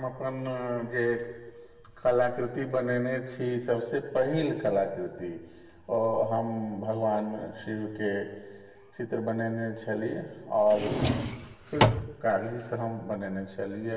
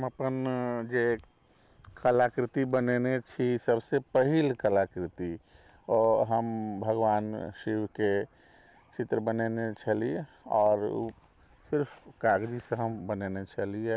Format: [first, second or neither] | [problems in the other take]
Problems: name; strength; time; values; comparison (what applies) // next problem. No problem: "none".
second | background sound (Drawer open or close); 2 dB above the speech // room echo; dies away in 1.4 s